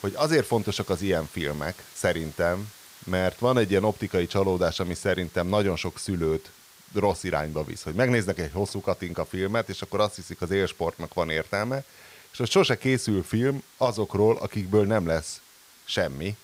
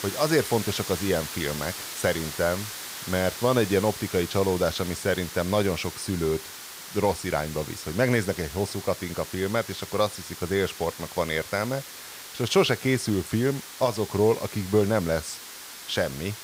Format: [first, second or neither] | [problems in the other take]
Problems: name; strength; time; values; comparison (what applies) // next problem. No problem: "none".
first | hiss; loud; throughout; 10 dB below the speech; faint in the first